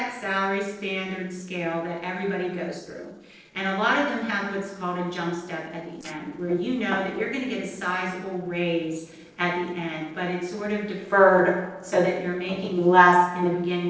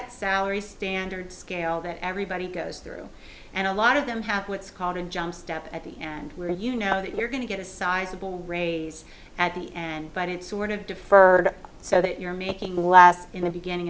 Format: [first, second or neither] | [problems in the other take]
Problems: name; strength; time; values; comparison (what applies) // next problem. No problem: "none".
second | noise reduction (neural separator model SepFormer DNS4)